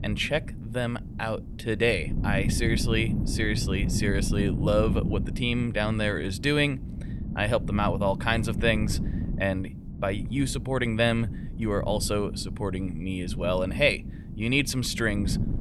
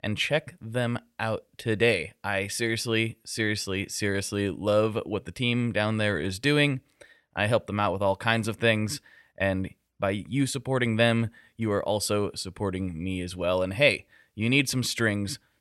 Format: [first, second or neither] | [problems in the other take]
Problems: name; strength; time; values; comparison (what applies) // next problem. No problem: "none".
second | wind noise on the microphone; occasional gusts; 15 dB below the speech